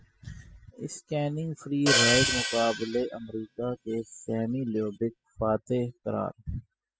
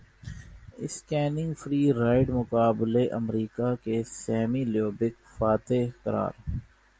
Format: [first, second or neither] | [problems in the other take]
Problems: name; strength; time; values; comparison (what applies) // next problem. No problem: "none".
second | noise reduction (classical method spectral subtraction)